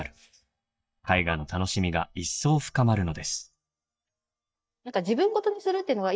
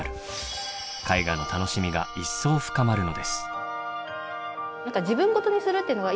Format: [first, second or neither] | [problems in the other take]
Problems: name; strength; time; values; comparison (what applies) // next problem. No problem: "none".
second | noise reduction (neural mask model DeepFilterNet 3)